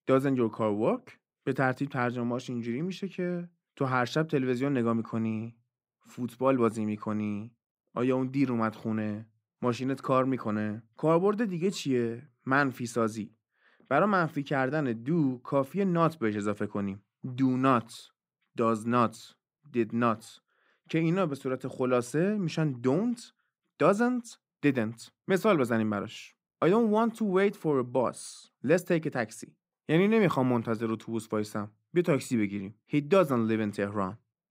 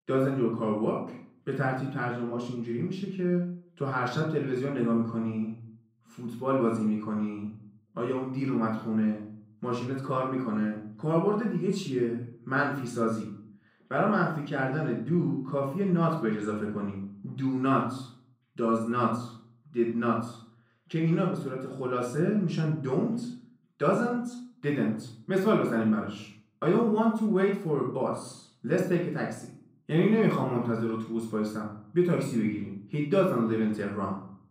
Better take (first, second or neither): first